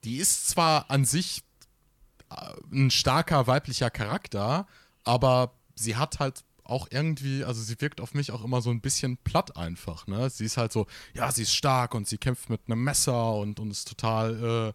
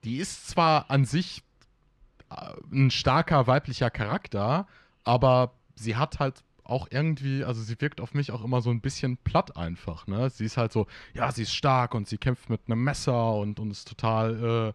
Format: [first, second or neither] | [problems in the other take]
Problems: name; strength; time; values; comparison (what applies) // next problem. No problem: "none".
first | muffled; slightly; fading above 3.5 kHz